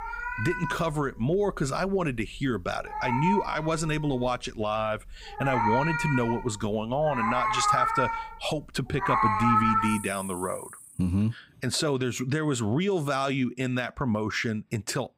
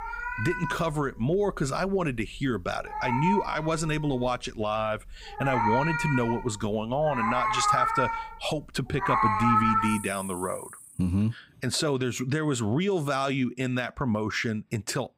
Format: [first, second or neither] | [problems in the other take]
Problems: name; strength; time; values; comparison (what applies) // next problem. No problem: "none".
neither | animal sounds; very loud; until 11 s; as loud as the speech; the same in both